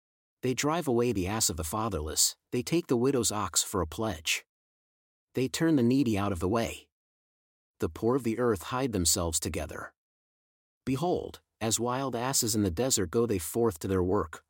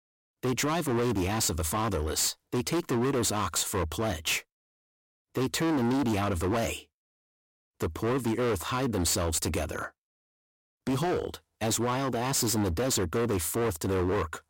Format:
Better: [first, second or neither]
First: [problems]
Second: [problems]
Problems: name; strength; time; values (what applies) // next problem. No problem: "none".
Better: first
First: none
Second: distortion; heavy; 24% of the sound clipped